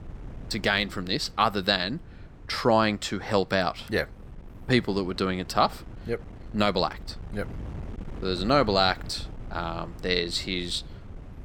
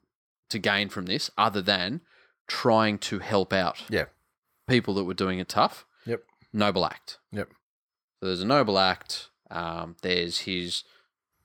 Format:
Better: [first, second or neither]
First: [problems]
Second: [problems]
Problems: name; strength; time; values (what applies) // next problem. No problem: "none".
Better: second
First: wind noise on the microphone; occasional gusts; 25 dB below the speech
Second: none